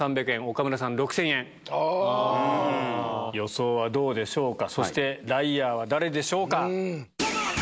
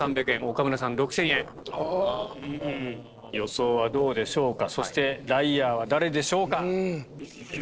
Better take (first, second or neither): first